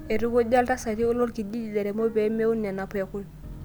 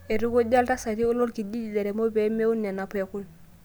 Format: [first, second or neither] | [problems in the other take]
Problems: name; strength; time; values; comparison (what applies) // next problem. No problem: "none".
second | background sound (Piano + Microwave oven); 17 dB below the speech